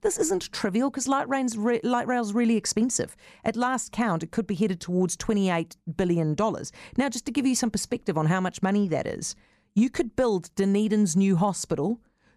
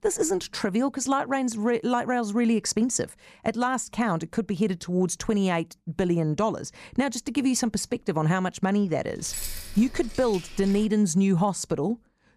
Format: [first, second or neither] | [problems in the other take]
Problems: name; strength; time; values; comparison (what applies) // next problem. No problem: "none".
first | jangling keys; noticeable; from 9 to 11 s; peak 7 dB below the speech